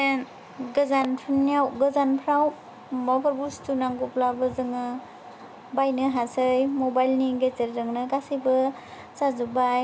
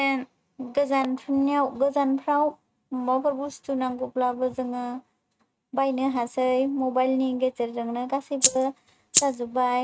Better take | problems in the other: first | noise reduction (neural mask model RNNoise)

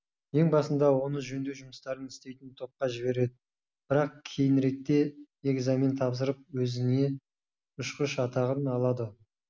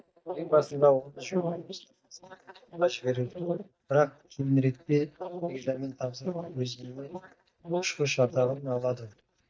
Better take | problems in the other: first | noise reduction (neural mask model DeepFilterNet 3)

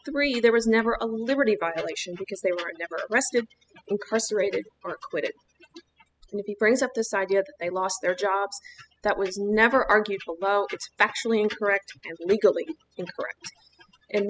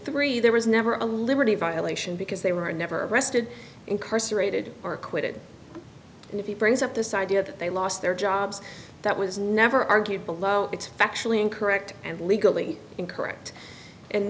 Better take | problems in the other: second | noise reduction (classical method spectral subtraction)

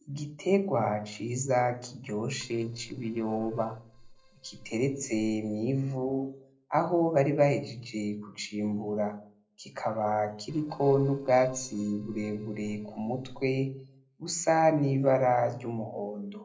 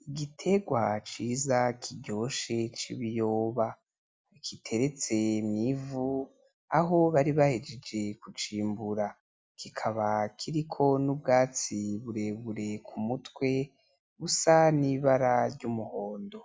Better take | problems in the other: second | noise reduction (neural separator model SepFormer DNS4)

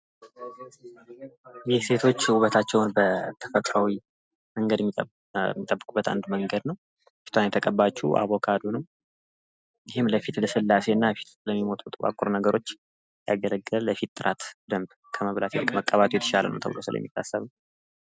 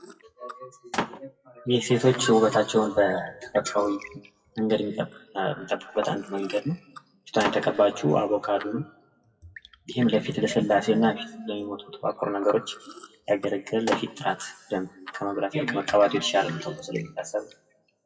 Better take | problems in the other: first | noise reduction (classical method WPE with log-MMSE)

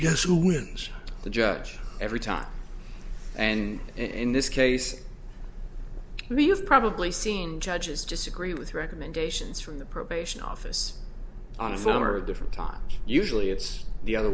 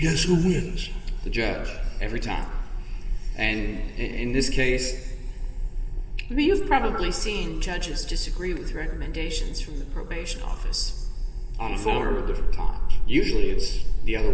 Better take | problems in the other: first | room echo; dies away in 1.9 s

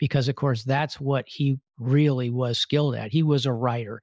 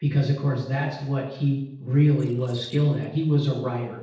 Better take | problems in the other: first | noise reduction (neural separator model SepFormer DNS4)

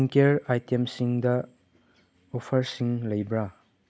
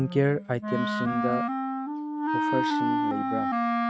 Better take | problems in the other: first | noise reduction (neural mask model RNNoise)

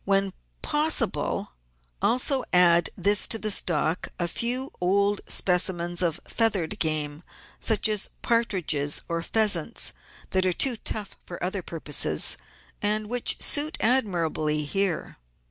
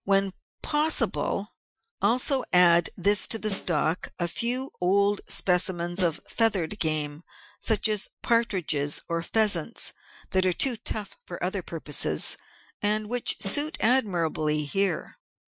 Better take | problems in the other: first | noise reduction (classical method Wiener filter)

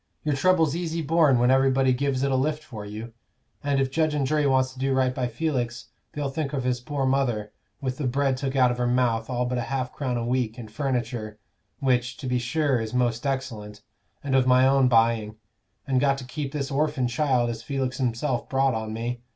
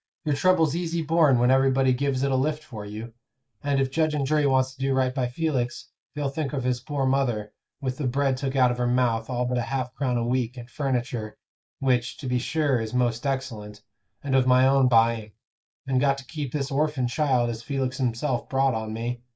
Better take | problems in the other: first | noise reduction (neural mask model Resemble Enhance denoiser)

